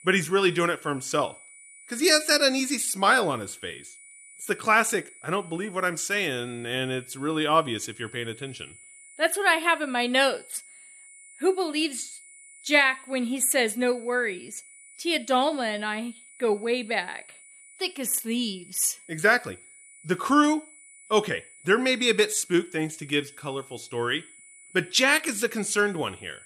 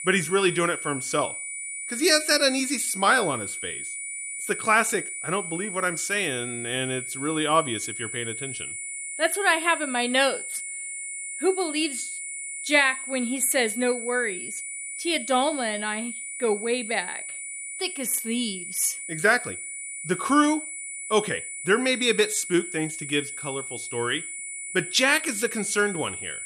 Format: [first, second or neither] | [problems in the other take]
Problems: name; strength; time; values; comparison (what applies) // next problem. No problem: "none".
first | high-pitched whine; loud; throughout; 2.5 kHz, 7 dB below the speech; faint in the first